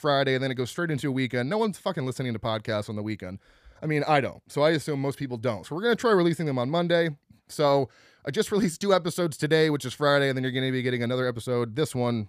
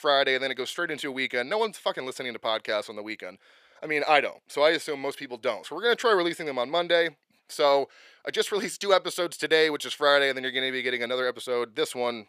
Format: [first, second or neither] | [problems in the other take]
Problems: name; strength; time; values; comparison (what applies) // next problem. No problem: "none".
first | thin; somewhat; fading below 500 Hz